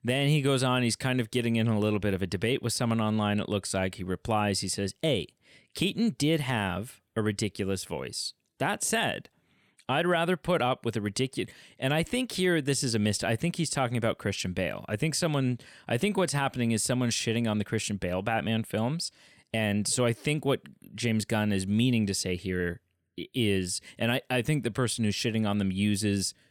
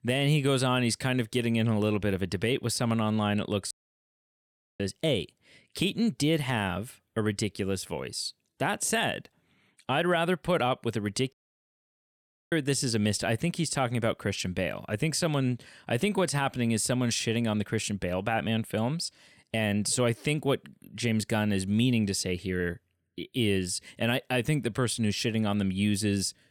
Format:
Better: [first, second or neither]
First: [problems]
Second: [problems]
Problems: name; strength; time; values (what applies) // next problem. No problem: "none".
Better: first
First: none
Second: audio cutting out; at 3.5 s for 1 s and at 11 s for 1 s